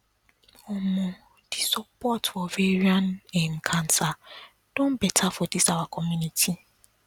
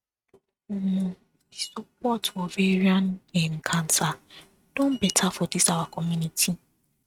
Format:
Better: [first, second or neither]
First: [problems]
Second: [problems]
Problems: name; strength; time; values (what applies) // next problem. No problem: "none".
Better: first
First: none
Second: noise reduction (neural mask model RNNoise)